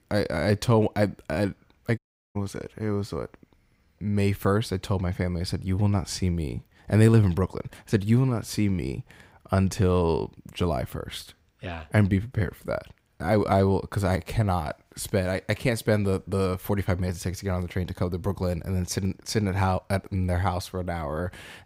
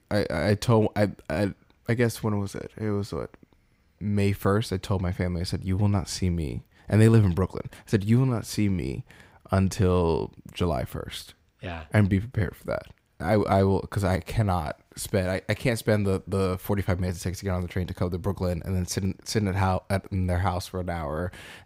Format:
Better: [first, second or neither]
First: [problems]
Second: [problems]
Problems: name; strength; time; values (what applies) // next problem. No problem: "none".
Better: second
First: audio cutting out; at 2 s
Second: none